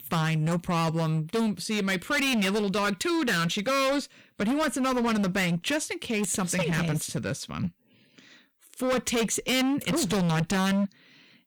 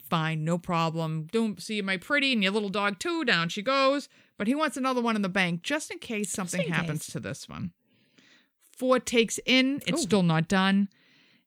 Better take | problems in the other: second | distortion; heavy; 23% of the sound clipped

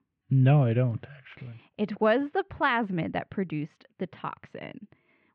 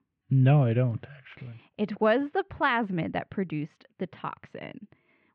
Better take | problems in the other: neither | muffled; very; fading above 2.5 kHz; the same in both

